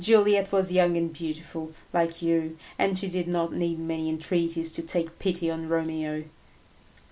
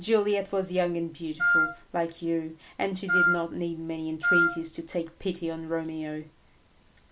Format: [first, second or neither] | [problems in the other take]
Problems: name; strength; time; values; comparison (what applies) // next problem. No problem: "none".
first | background sound (Wind instrument, woodwind instrument); 5 dB above the speech